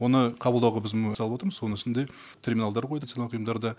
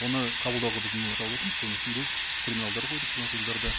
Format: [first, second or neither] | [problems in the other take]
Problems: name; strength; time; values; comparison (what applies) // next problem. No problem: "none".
first | background sound (Hiss); 3 dB above the speech